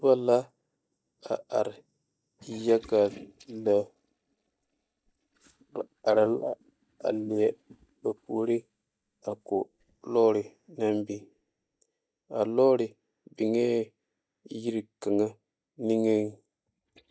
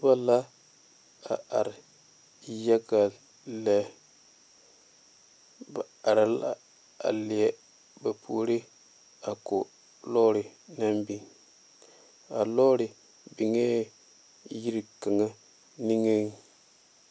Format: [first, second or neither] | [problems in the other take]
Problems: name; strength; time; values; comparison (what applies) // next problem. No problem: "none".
second | noise reduction (neural mask model DeepFilterNet 3)